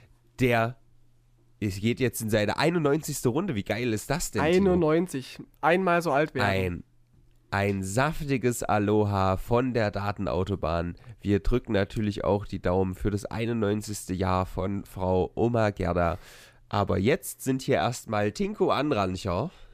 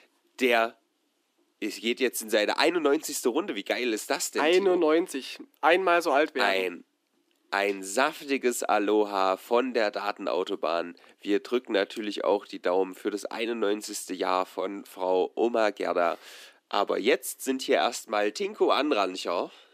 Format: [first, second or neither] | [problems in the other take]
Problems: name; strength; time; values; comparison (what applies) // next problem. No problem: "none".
first | thin; somewhat; fading below 250 Hz